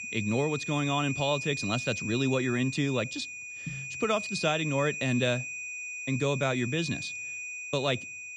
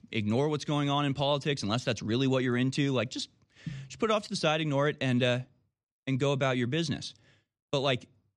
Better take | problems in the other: second | high-pitched whine; loud; throughout; 2.5 kHz, 6 dB below the speech

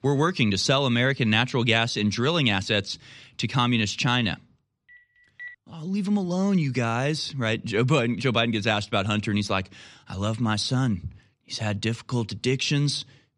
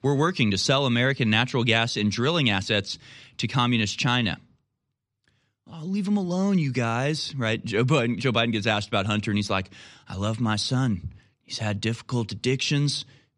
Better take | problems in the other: second | phone ringing; faint; at 5 s; peak 15 dB below the speech

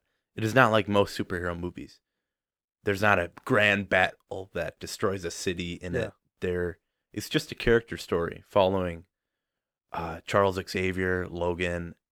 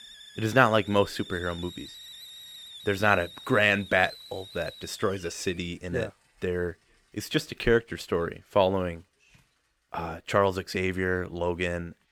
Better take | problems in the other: first | hiss; noticeable; throughout; 15 dB below the speech

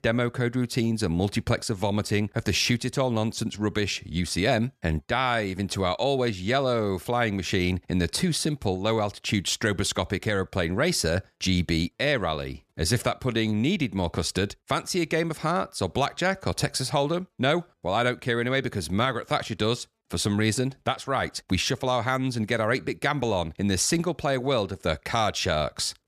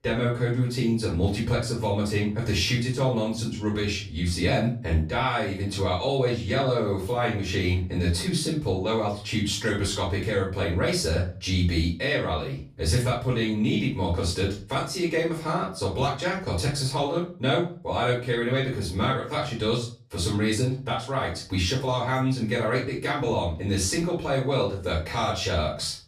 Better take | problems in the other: first | room echo; slight; dies away in 0.3 s // off-mic speech; far

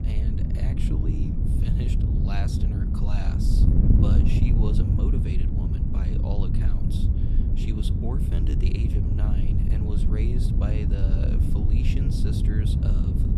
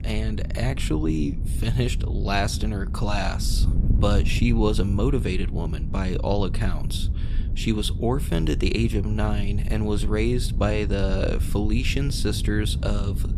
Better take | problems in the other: second | wind noise on the microphone; heavy; 4 dB above the speech; occasional gusts in the second

